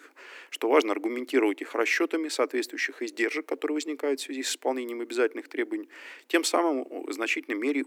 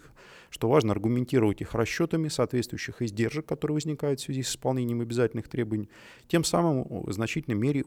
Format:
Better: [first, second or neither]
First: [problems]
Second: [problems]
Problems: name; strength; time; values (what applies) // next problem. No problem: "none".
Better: second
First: thin; somewhat; fading below 250 Hz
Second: none